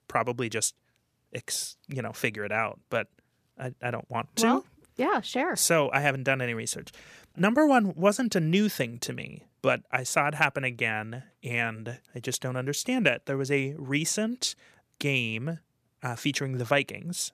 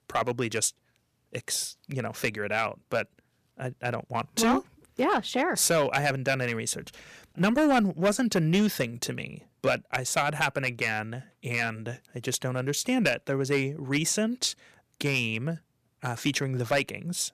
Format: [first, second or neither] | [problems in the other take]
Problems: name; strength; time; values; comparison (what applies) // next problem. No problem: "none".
first | distortion; slight; 3% of the sound clipped